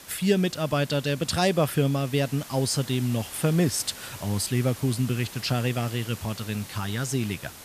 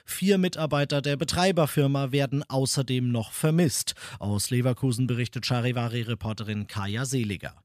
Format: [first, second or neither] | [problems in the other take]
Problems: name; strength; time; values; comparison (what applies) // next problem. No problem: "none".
second | hiss; noticeable; throughout; 15 dB below the speech